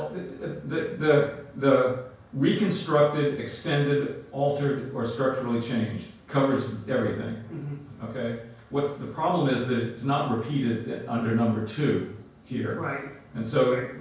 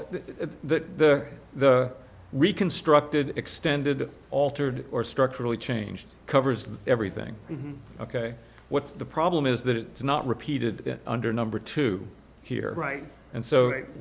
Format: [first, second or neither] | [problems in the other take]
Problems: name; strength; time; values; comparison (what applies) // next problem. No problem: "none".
second | room echo; dies away in 0.5 s